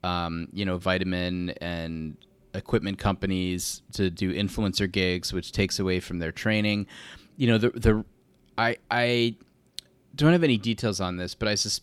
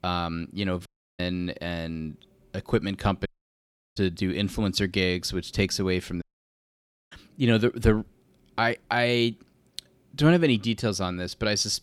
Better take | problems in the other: first | audio cutting out; at 1 s, at 3.5 s for 0.5 s and at 6 s for 1 s

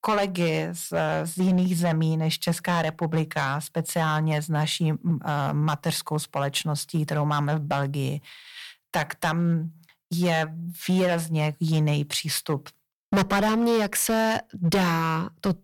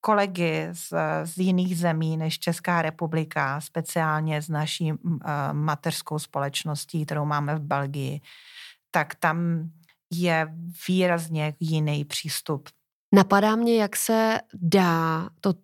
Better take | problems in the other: second | distortion; heavy; 7% of the sound clipped

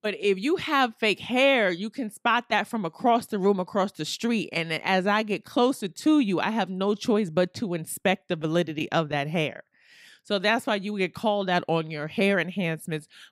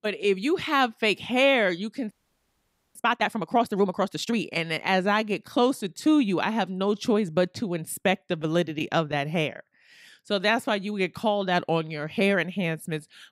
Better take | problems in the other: first | audio freezing; at 2 s for 1 s

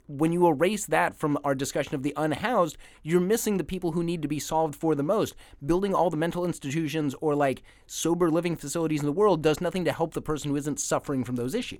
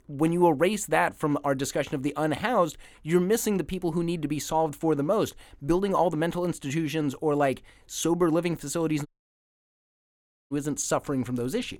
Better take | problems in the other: first | audio cutting out; at 9 s for 1.5 s

